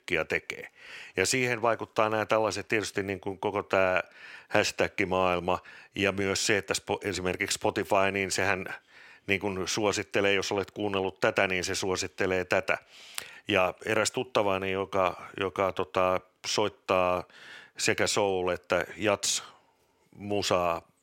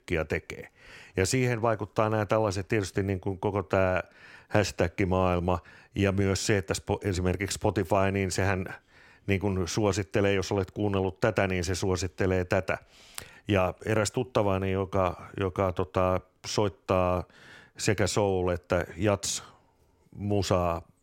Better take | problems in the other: second | thin; somewhat; fading below 400 Hz

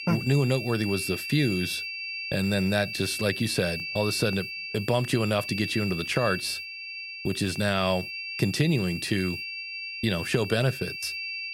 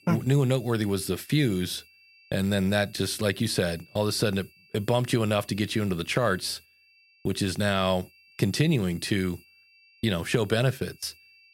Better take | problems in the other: second | high-pitched whine; loud; throughout; 2.5 kHz, 6 dB below the speech; faint in the second

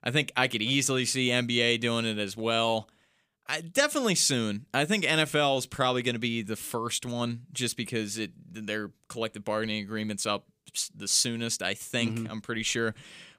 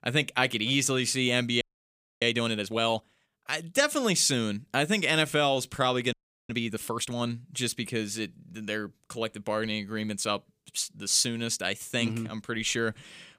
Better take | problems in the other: first | audio freezing; at 1.5 s for 0.5 s and at 6 s

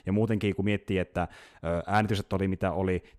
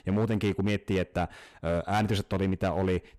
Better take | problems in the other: first | distortion; slight; 9% of the sound clipped

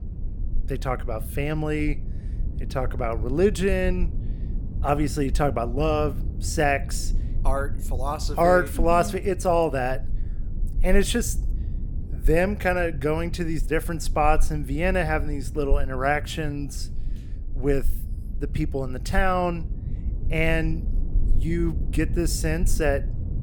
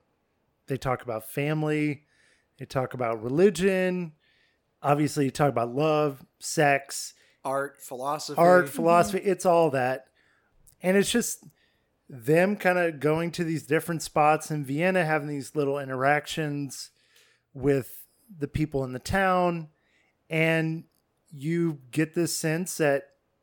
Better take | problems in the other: second | low rumble; faint; throughout; 20 dB below the speech

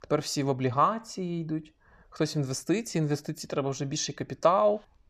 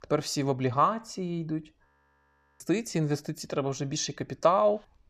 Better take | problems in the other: first | audio freezing; at 2 s for 1 s

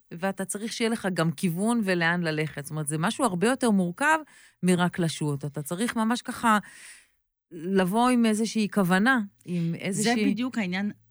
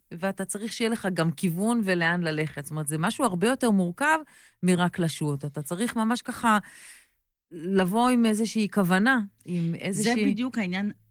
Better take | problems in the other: first | garbled, watery; slightly

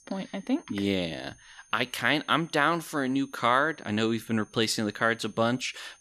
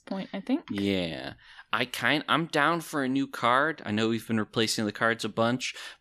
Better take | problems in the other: second | high-pitched whine; faint; throughout; 6.5 kHz, 30 dB below the speech

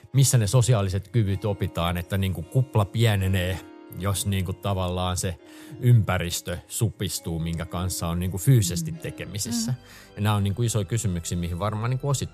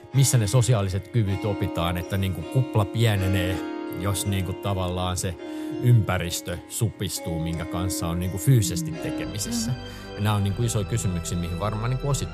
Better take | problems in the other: first | background music; loud; throughout; 10 dB below the speech; faint in the first

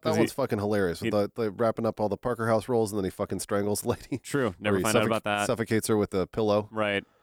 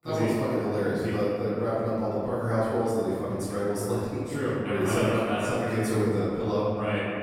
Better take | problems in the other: first | room echo; strong; dies away in 2.2 s // off-mic speech; far

